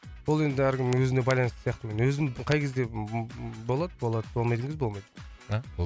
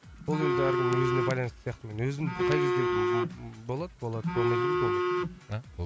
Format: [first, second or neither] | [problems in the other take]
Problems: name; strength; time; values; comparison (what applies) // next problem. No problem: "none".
first | background sound (Telephone); 3 dB above the speech